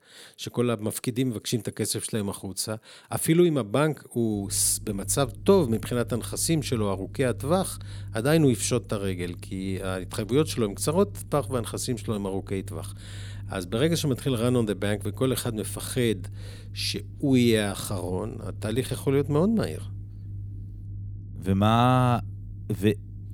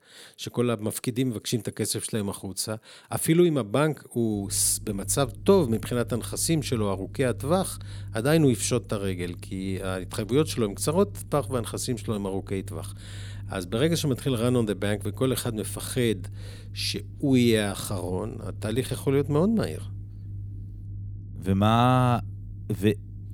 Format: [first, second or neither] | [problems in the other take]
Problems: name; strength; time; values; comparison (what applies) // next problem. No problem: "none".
neither | low rumble; faint; from 4.5 s on; 25 dB below the speech; the same in both